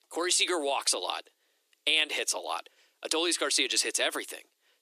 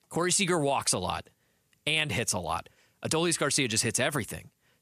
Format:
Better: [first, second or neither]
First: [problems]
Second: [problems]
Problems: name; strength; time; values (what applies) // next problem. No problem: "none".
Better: second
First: thin; somewhat; fading below 300 Hz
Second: none